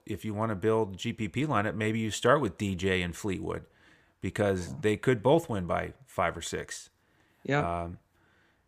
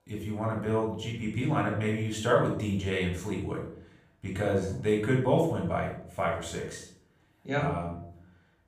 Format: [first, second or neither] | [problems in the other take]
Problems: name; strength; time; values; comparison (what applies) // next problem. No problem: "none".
first | off-mic speech; far // room echo; noticeable; dies away in 0.5 s